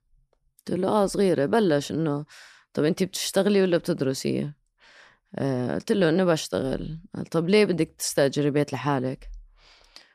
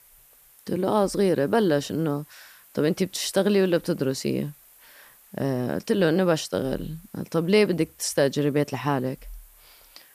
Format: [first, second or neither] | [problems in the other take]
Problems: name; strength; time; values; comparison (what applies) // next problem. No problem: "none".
first | hiss; faint; throughout; 25 dB below the speech